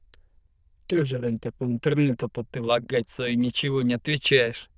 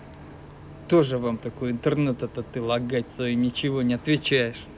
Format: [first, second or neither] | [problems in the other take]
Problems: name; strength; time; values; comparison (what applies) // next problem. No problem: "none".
second | noise reduction (neural diffusion model UNIVERSE++)